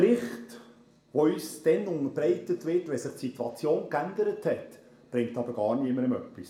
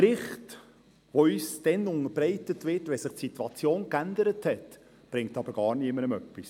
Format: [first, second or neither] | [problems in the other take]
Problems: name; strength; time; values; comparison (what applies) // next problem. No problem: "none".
second | room echo; dies away in 0.5 s